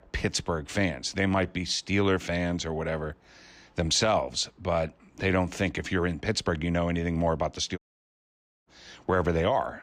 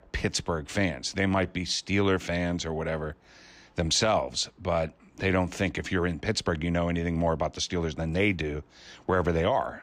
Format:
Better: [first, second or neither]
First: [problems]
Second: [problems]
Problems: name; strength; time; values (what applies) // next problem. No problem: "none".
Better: second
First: audio cutting out; at 8 s for 1 s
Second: none